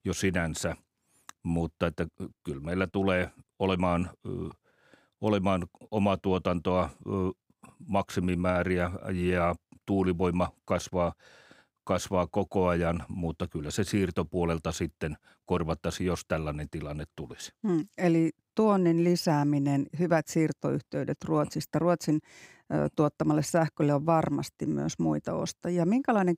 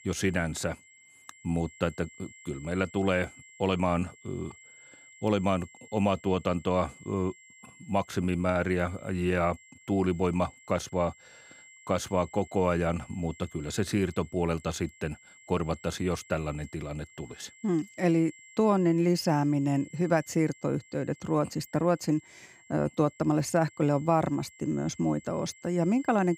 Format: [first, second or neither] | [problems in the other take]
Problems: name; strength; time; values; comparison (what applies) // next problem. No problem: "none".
first | high-pitched whine; faint; throughout; 2 kHz, 25 dB below the speech